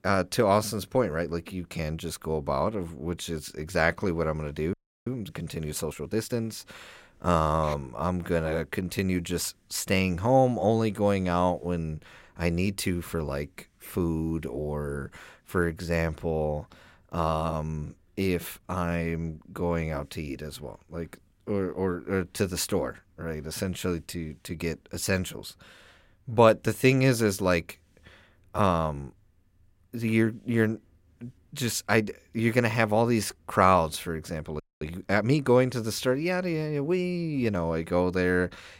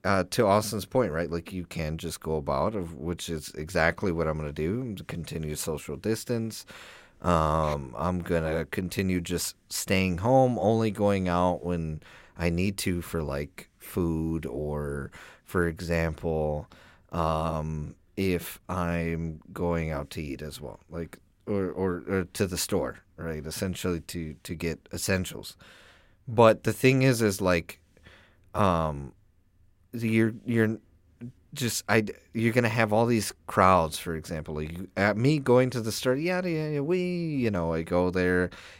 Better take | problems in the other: second | audio freezing; at 4.5 s and at 35 s

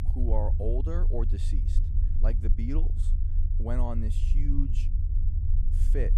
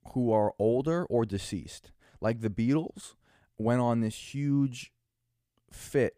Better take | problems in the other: second | low rumble; loud; throughout; 9 dB below the speech

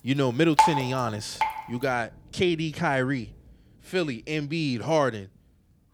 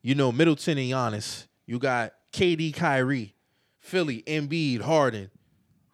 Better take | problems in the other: second | rain or running water; very loud; throughout; 1 dB above the speech

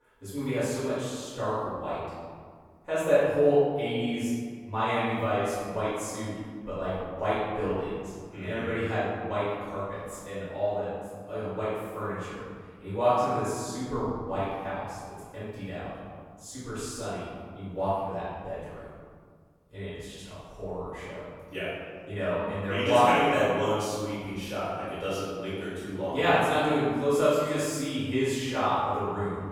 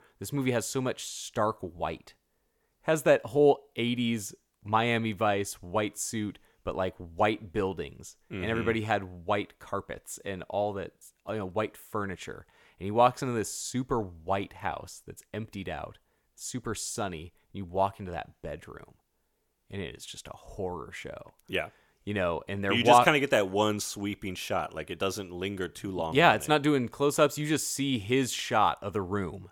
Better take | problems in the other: second | off-mic speech; far // room echo; strong; dies away in 1.7 s

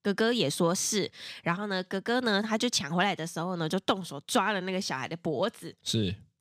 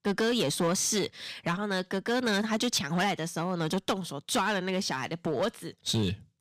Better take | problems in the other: first | distortion; slight; 8% of the sound clipped

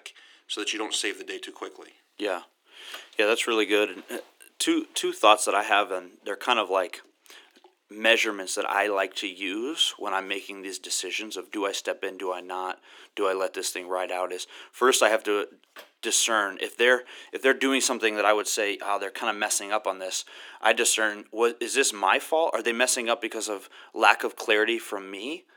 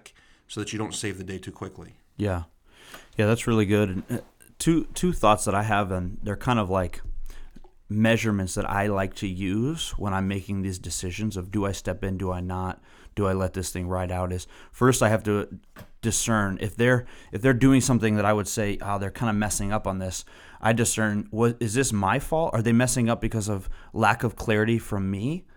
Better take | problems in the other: second | thin; very; fading below 300 Hz

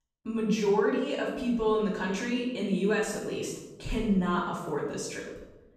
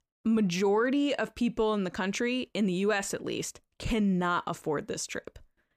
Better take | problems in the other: second | off-mic speech; far // room echo; noticeable; dies away in 0.8 s

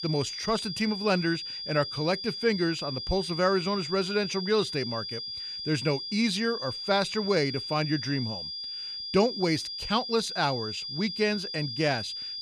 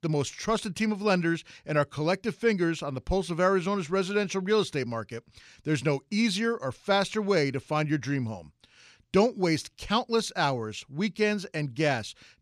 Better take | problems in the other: second | high-pitched whine; loud; throughout; 5 kHz, 5 dB below the speech

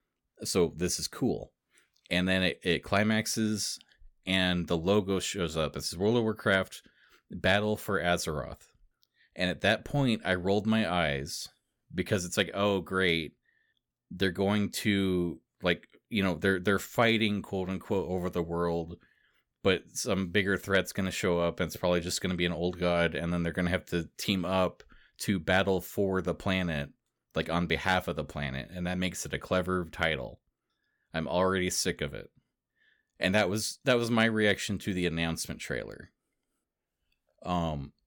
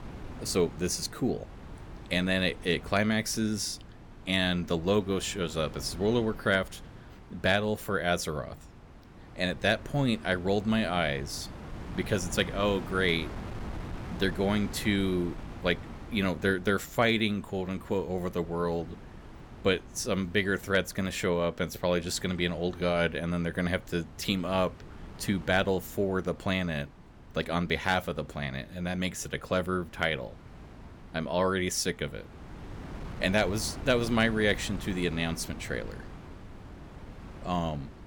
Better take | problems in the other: first | wind noise on the microphone; occasional gusts; 20 dB below the speech

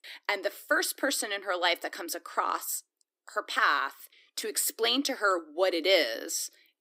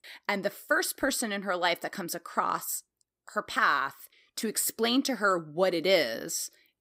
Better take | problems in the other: second | thin; very slightly; fading below 300 Hz

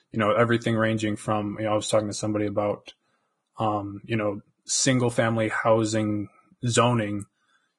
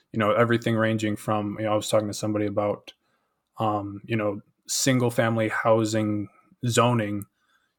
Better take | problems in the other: second | garbled, watery; badly

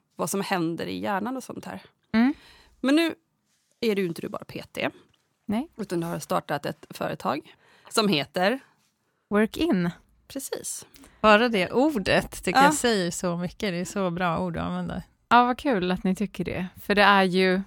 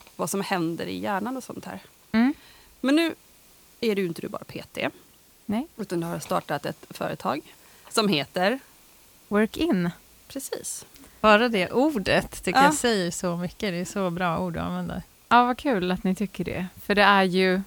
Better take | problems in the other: first | hiss; faint; throughout; 25 dB below the speech

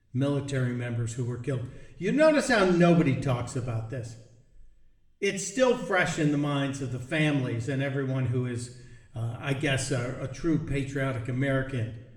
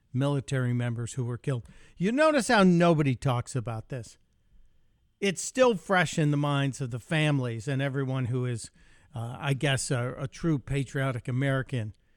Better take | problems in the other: second | room echo; slight; dies away in 0.8 s // off-mic speech; somewhat distant

